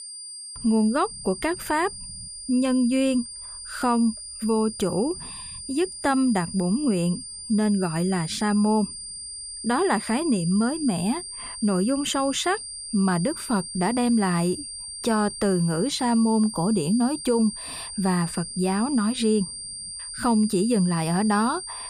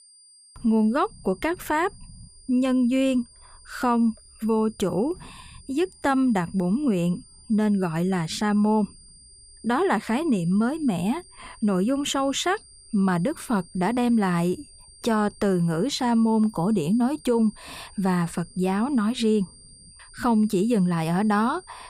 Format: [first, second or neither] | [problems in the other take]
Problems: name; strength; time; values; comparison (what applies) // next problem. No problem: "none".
second | high-pitched whine; loud; throughout; 9 kHz, 10 dB below the speech; faint in the second